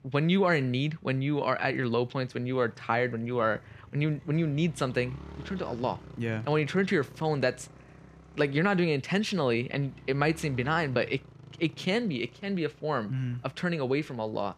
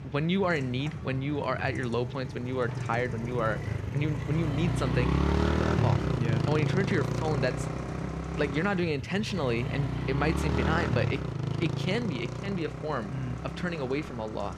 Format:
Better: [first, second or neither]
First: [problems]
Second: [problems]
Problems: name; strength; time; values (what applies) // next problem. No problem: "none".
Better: first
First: traffic noise; faint; throughout; 20 dB below the speech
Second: traffic noise; loud; throughout; as loud as the speech